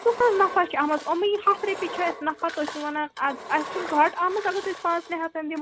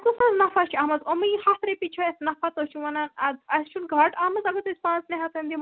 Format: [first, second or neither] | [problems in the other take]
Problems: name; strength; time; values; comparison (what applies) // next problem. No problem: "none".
second | background sound (Engine); 13 dB below the speech